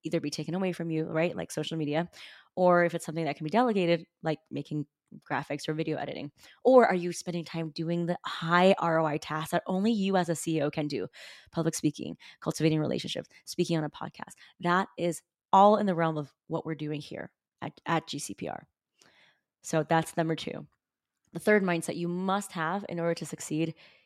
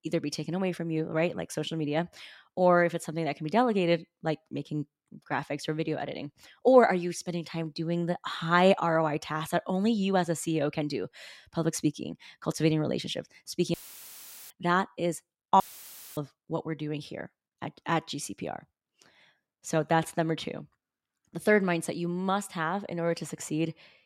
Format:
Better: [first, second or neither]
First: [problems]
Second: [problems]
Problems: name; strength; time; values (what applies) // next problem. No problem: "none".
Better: first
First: none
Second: audio cutting out; filled with static; at 14 s for 1 s and at 16 s for 0.5 s